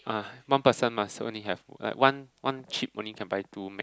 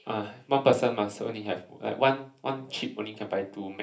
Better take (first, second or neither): first